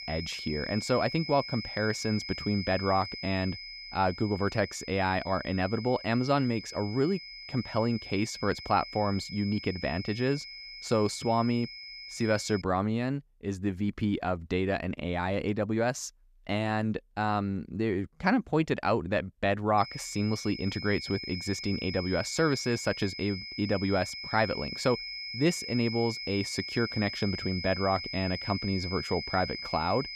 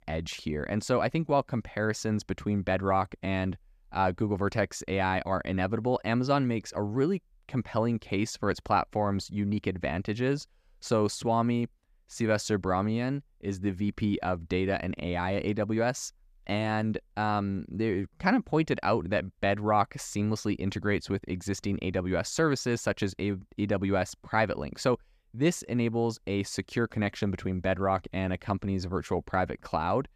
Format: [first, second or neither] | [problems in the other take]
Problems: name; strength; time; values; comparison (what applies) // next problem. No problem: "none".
second | high-pitched whine; loud; until 13 s and from 20 s on; 5 kHz, 8 dB below the speech